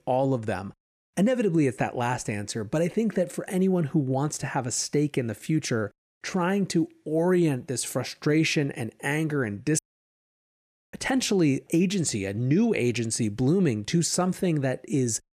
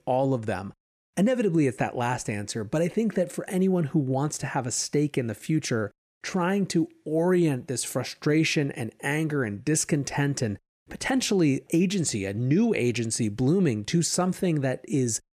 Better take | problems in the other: second | audio cutting out; at 10 s for 1 s

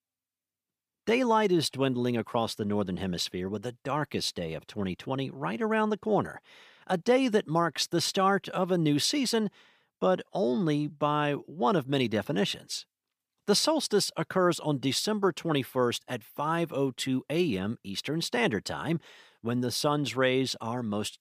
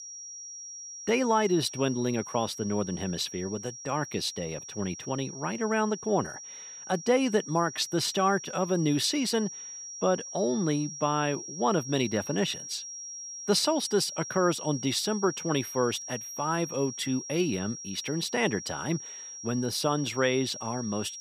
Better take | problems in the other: first | high-pitched whine; loud; throughout; 5.5 kHz, 10 dB below the speech

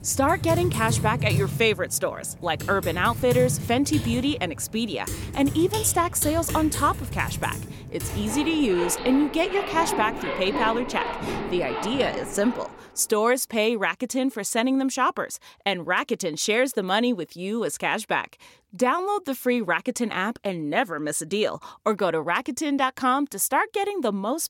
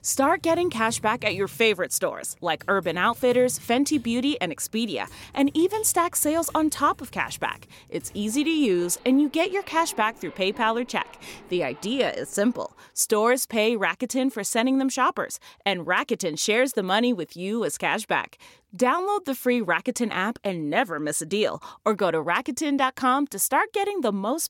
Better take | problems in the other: second | household noises; loud; until 12 s; 6 dB below the speech; faint in the second

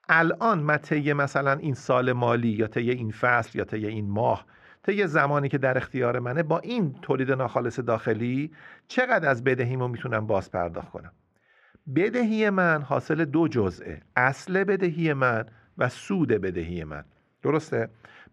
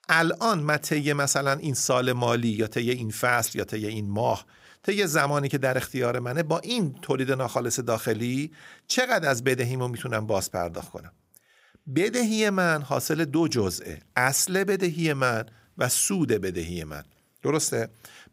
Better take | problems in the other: second | muffled; very; fading above 2 kHz

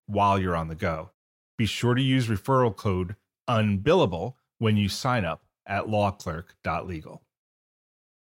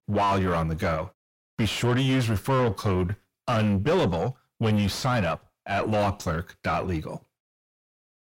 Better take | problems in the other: first | distortion; heavy; 6 dB below the speech

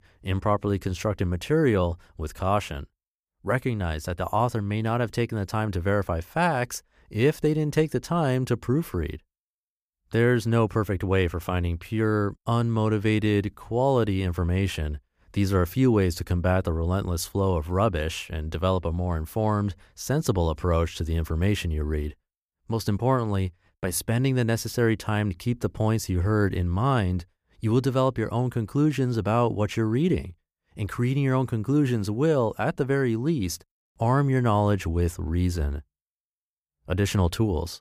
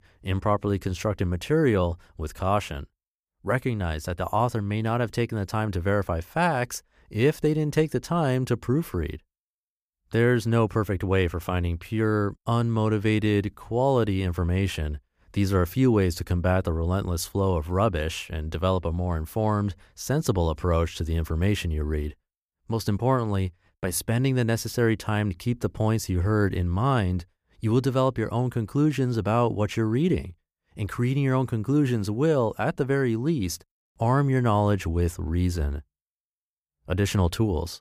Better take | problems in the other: neither | none

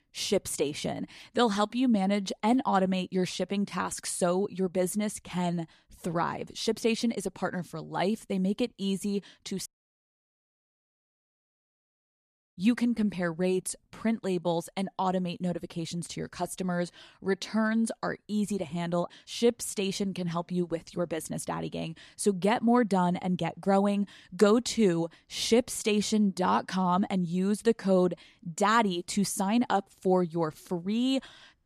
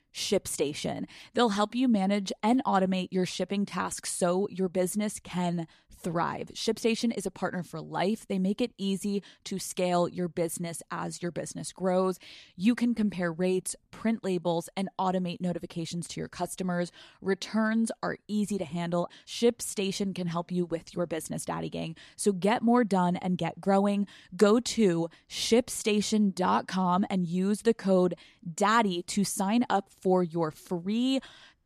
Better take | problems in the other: second | audio cutting out; at 9.5 s for 3 s

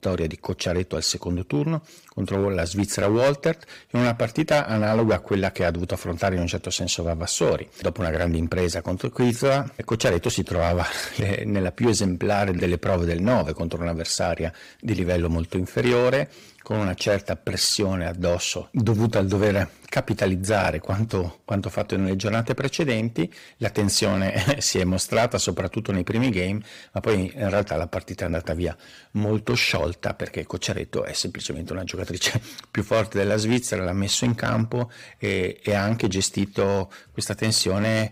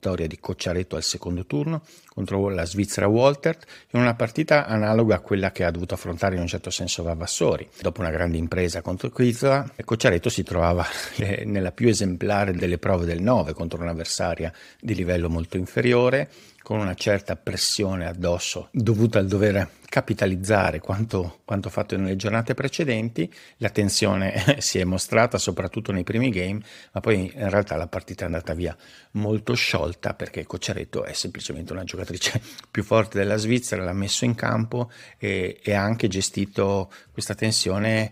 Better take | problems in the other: second | distortion; slight; 4% of the sound clipped

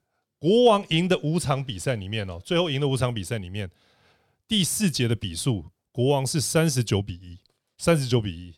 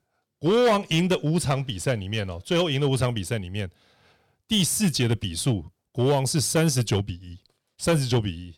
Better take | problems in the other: first | distortion; slight; 5% of the sound clipped

